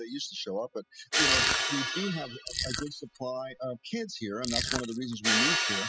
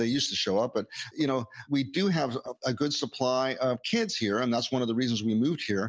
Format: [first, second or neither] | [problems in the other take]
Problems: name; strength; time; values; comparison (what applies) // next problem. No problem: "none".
second | noise reduction (classical method spectral subtraction)